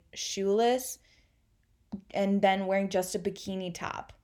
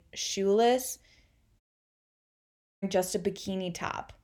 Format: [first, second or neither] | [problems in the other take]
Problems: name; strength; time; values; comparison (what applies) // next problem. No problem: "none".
first | audio cutting out; at 1.5 s for 1 s